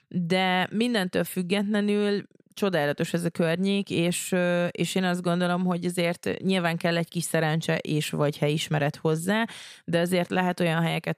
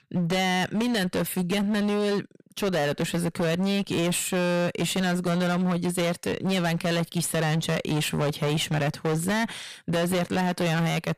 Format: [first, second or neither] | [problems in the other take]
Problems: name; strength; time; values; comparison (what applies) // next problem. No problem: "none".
first | distortion; heavy; 31% of the sound clipped